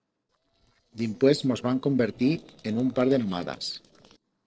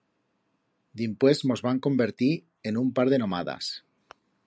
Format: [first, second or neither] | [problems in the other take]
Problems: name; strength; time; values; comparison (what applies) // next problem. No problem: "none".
second | noise reduction (neural separator model SepFormer DNS4)